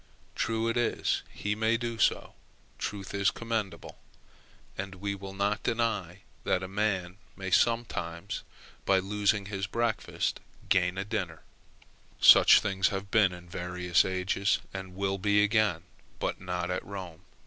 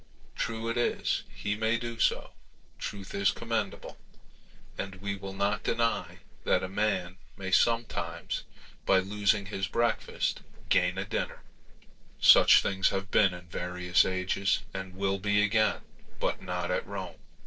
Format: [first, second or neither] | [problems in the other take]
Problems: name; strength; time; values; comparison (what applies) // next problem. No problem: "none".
first | noise reduction (neural separator model SepFormer DNS4)